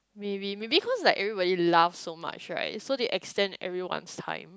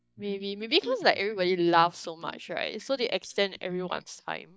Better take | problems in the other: first | noise reduction (neural mask model DeepFilterNet 3)

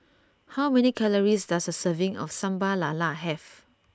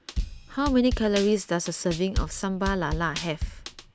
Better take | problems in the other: first | background sound (Drum kit); 6 dB below the speech

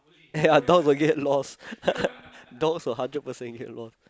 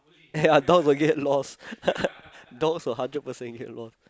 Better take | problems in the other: second | background sound (Bowed string instrument); 20 dB below the speech

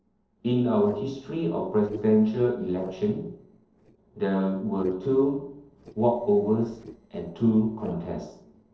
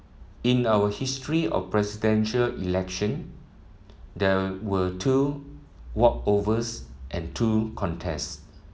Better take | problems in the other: second | noise reduction (neural separator model SepFormer DNS4)

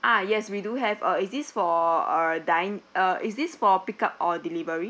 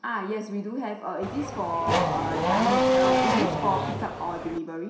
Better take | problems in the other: first | background sound (Race car, auto racing / Accelerating, revving, vroom); 5 dB above the speech // room echo; dies away in 0.7 s

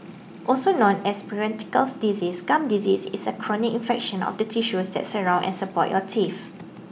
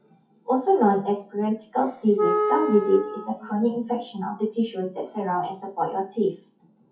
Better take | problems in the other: first | noise reduction (classical method WPE with log-MMSE)

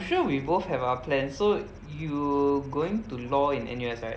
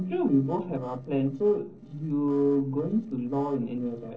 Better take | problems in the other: first | noise reduction (neural separator model SepFormer DNS4)

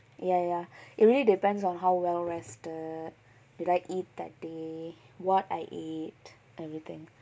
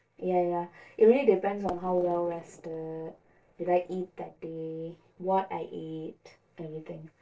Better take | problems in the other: first | noise reduction (neural separator model SepFormer DNS4)

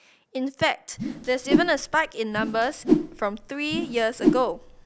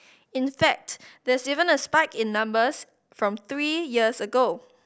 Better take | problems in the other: second | background sound (Whoosh, swoosh, swish); 1 dB above the speech

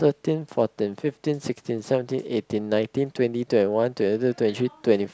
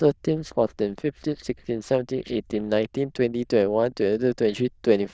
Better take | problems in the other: first | noise reduction (neural diffusion model UNIVERSE++)

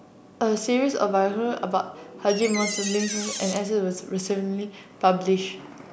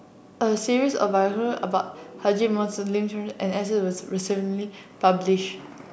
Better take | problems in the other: second | background sound (Door); 7 dB below the speech

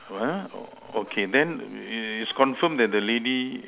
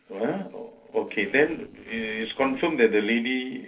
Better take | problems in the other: first | noise reduction (neural separator model SepFormer DNS4)

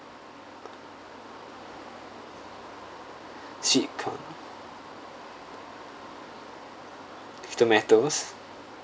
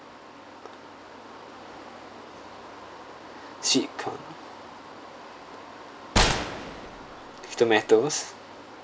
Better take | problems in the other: first | background sound (Gunshot, gunfire); 3 dB above the speech

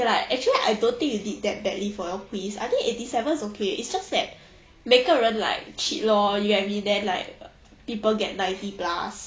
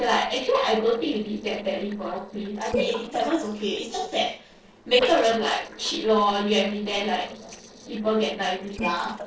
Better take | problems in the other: first | noise reduction (neural separator model SepFormer DNS4)

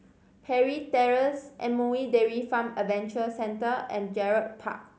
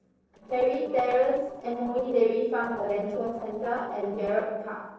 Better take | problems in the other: first | noise reduction (neural separator model SepFormer DNS4)

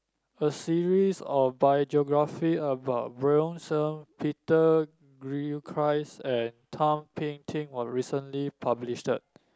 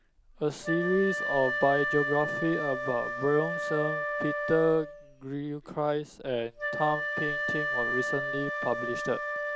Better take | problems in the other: first | background sound (Wind instrument, woodwind instrument); 3 dB below the speech

